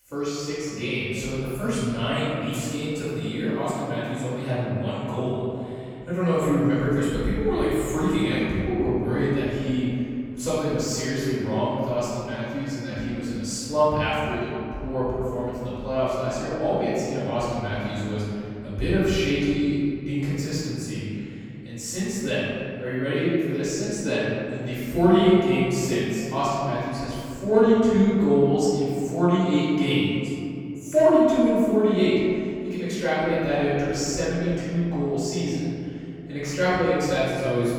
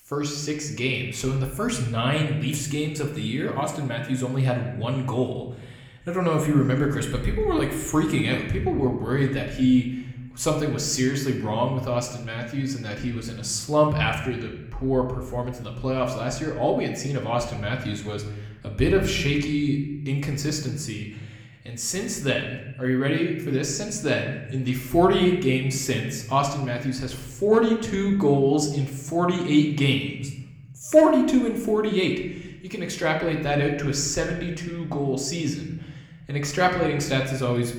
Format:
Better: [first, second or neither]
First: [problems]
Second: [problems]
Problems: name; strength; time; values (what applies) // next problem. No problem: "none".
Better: second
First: room echo; strong; dies away in 2.7 s // off-mic speech; far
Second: room echo; slight; dies away in 1.1 s // off-mic speech; somewhat distant